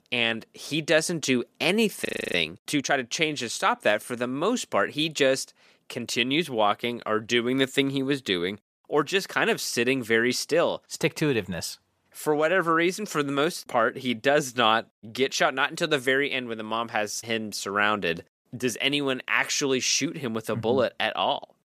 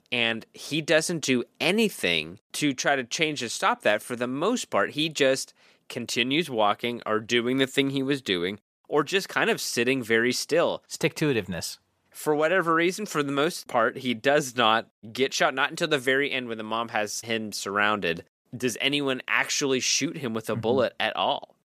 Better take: second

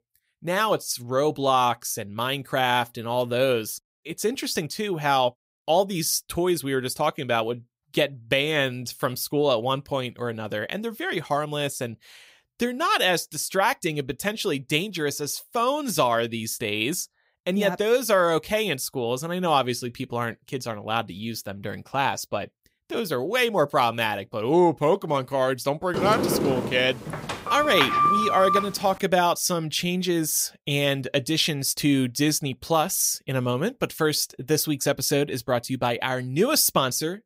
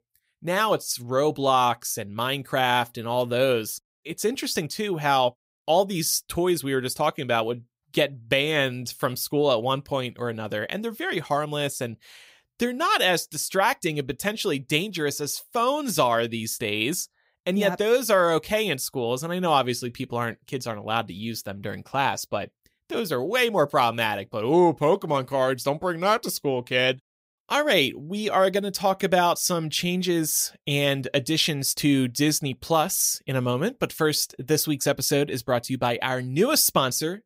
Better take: second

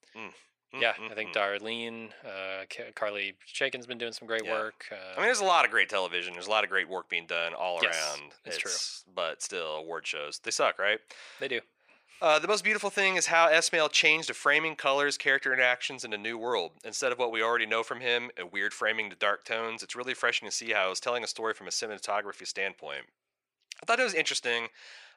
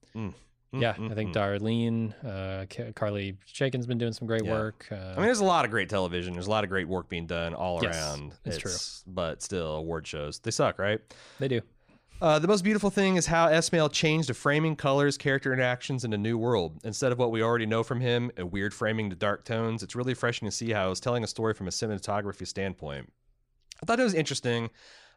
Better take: second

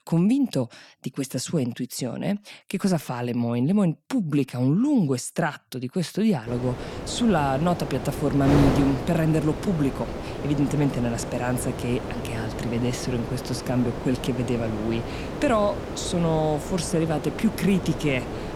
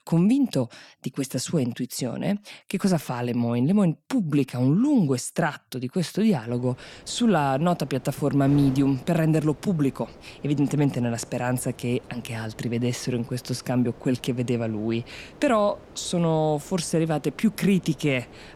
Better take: second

